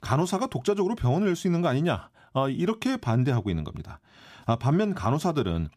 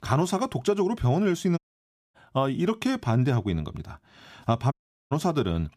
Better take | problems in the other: first | audio cutting out; at 1.5 s for 0.5 s and at 4.5 s

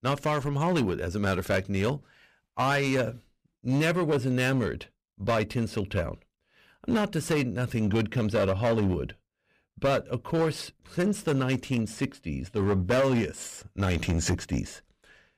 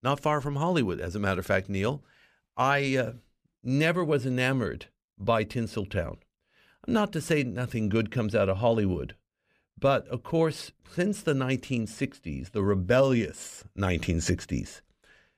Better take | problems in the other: second | distortion; slight; 8% of the sound clipped

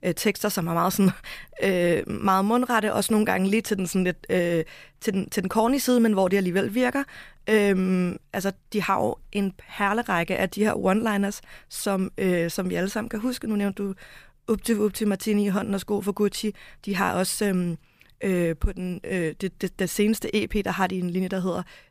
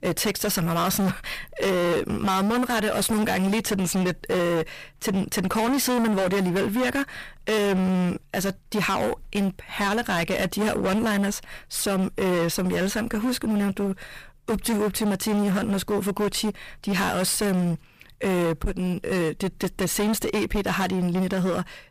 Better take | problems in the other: first | distortion; heavy; 26% of the sound clipped

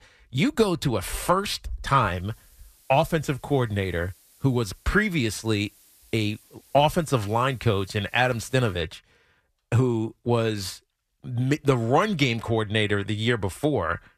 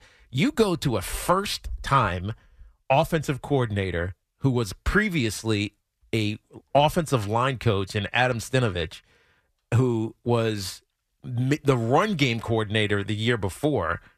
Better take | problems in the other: second | hiss; faint; from 2 to 9 s; 30 dB below the speech

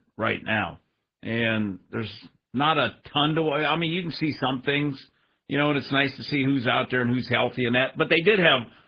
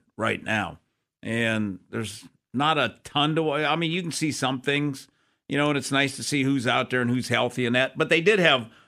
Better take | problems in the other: second | garbled, watery; badly

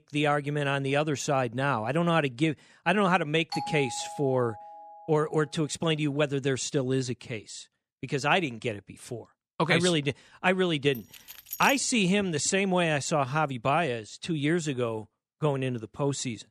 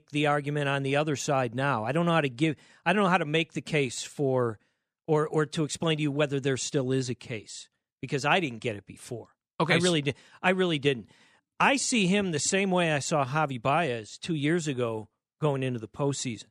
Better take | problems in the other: second | doorbell; noticeable; from 3.5 to 5 s; peak 8 dB below the speech // jangling keys; noticeable; at 11 s; peak 8 dB below the speech

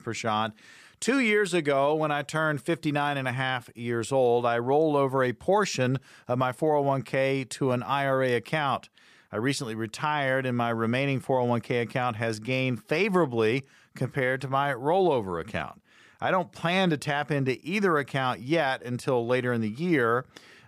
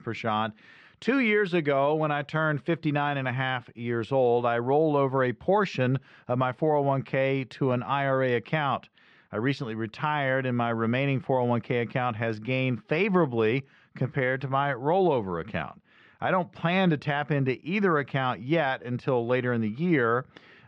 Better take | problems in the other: first | muffled; slightly; fading above 3.5 kHz

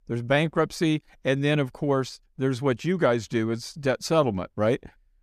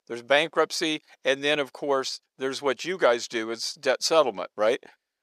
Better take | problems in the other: first | thin; somewhat; fading below 500 Hz

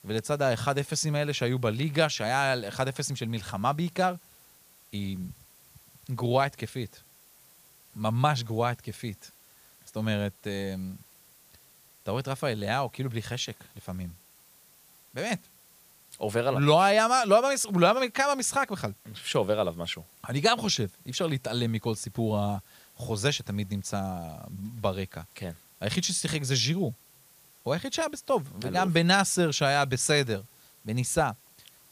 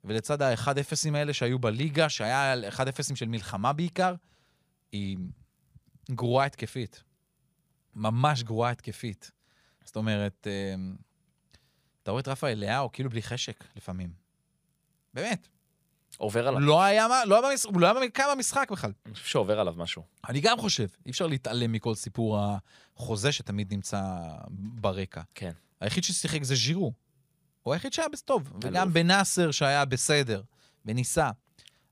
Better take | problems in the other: second | hiss; faint; throughout; 25 dB below the speech

